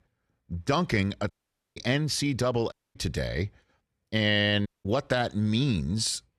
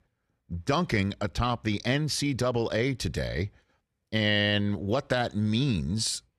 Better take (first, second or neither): second